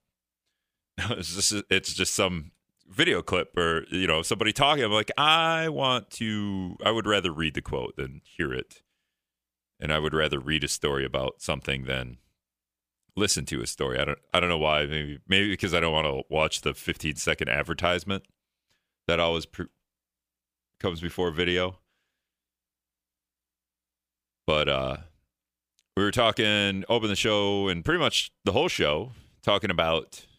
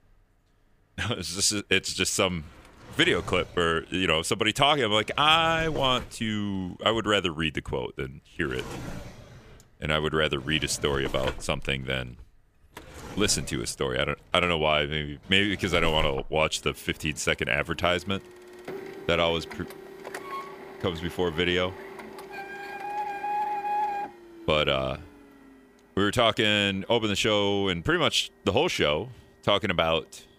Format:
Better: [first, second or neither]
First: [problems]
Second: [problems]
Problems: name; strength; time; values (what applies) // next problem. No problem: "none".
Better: first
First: none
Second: household noises; noticeable; throughout; 15 dB below the speech